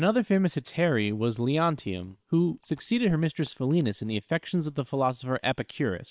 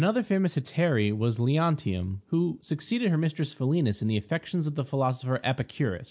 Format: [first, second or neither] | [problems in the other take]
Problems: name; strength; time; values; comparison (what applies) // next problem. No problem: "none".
second | noise reduction (neural separator model SepFormer WHAM!)